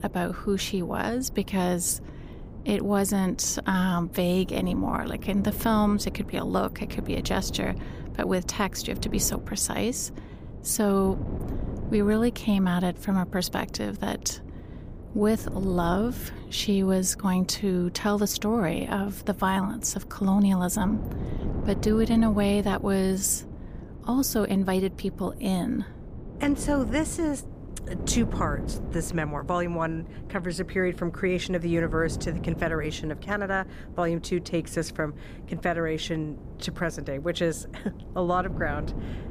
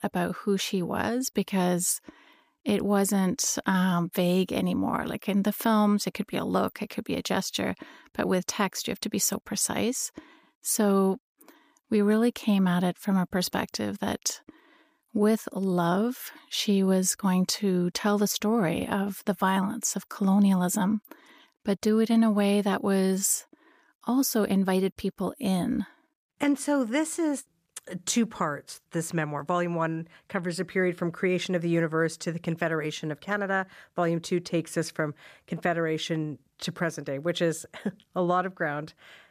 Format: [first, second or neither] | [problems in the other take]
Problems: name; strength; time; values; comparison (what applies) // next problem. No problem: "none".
second | wind noise on the microphone; occasional gusts; 15 dB below the speech